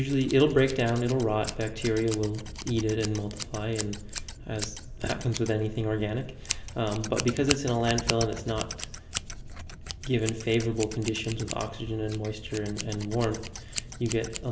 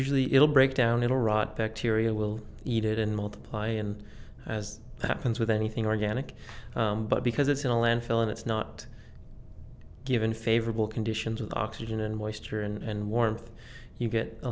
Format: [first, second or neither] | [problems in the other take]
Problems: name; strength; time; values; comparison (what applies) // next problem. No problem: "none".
second | background sound (Scissors); 10 dB below the speech // room echo; dies away in 2.3 s